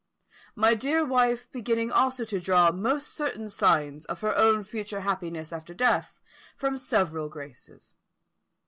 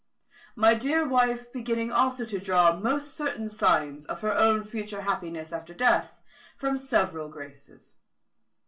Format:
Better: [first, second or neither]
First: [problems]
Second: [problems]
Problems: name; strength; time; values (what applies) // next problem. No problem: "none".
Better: first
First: none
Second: room echo; dies away in 0.2 s